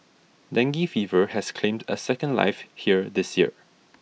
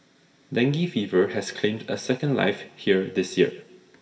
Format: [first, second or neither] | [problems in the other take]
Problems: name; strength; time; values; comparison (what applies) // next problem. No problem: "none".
first | room echo; dies away in 0.7 s